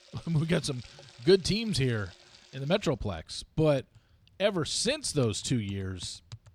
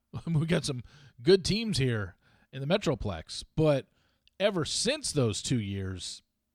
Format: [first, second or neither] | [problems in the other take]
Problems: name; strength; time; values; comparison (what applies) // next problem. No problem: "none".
second | household noises; faint; throughout; 25 dB below the speech